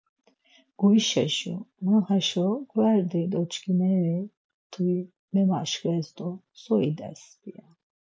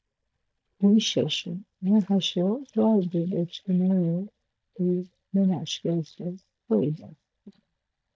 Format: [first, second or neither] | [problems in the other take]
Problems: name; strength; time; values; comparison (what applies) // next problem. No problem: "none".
first | noise reduction (neural mask model DeepFilterNet 3)